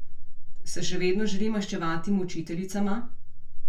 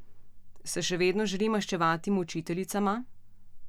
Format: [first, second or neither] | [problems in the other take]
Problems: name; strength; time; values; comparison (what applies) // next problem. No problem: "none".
second | room echo; dies away in 0.3 s